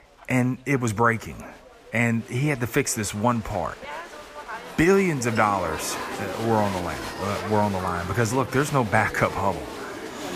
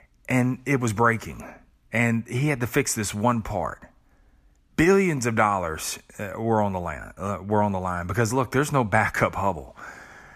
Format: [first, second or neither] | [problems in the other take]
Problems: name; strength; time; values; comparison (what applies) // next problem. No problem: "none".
second | crowd noise; noticeable; throughout; 10 dB below the speech